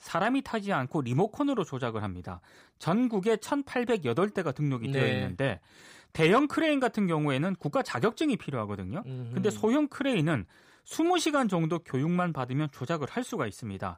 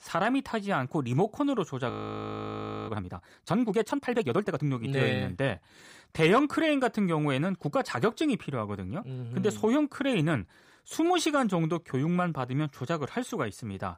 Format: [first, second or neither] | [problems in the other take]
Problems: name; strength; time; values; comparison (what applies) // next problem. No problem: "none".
first | audio freezing; at 2 s for 1 s